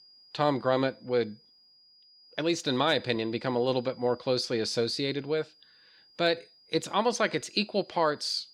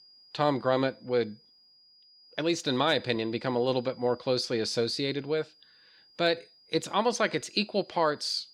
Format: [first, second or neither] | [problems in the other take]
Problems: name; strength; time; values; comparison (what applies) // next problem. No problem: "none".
neither | high-pitched whine; faint; throughout; 5 kHz, 25 dB below the speech; the same in both